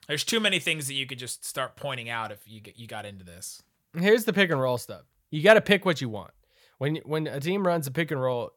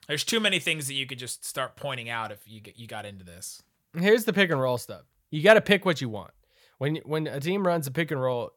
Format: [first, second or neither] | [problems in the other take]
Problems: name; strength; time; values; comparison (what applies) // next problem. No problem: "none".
neither | none